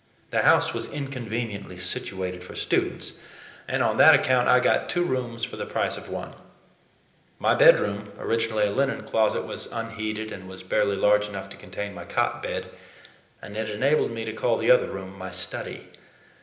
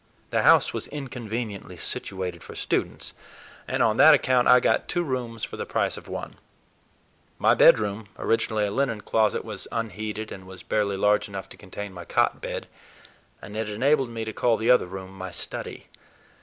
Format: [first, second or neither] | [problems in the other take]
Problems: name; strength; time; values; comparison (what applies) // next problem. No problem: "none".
second | room echo; dies away in 0.8 s